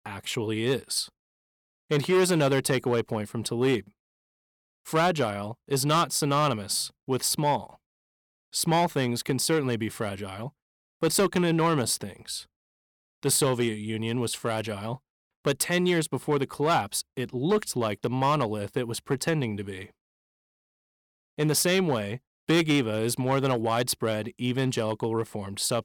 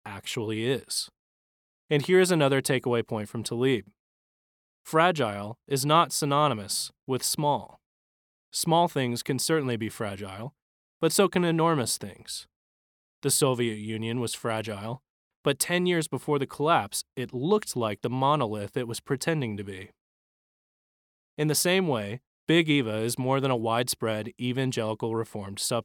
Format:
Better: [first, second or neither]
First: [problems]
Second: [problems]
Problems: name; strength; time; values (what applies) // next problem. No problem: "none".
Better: second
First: distortion; slight; 4% of the sound clipped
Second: none